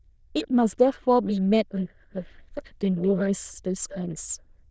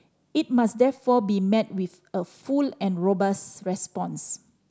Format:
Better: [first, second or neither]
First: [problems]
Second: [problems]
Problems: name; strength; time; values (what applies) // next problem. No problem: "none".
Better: second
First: noise reduction (neural diffusion model UNIVERSE++)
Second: none